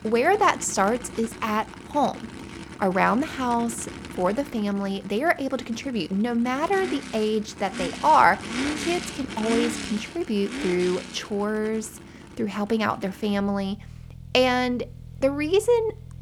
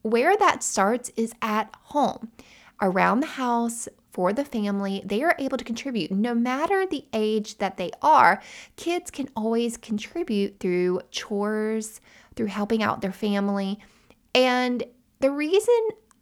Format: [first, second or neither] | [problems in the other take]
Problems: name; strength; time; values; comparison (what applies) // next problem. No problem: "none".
second | traffic noise; noticeable; throughout; 10 dB below the speech